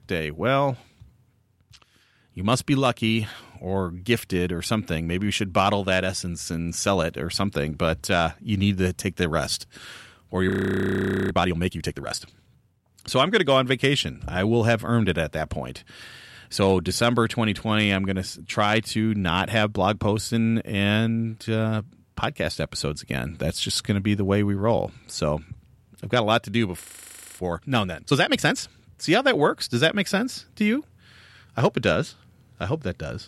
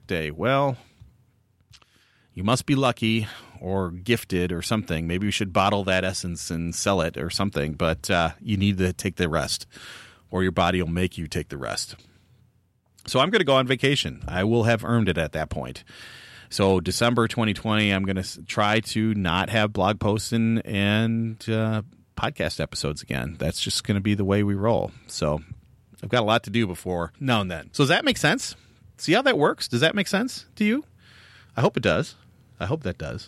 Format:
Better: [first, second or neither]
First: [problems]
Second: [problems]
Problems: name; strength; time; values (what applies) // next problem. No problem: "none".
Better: second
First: audio freezing; at 10 s for 1 s and at 27 s for 0.5 s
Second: none